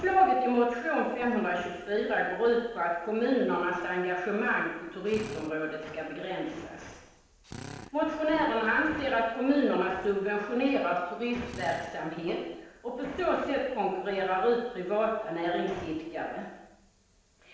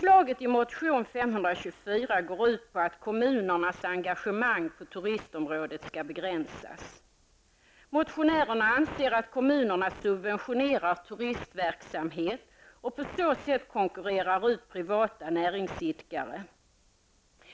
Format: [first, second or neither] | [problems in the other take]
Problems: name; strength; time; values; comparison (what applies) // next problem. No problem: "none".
second | background sound (Drill); 15 dB below the speech // room echo; dies away in 1 s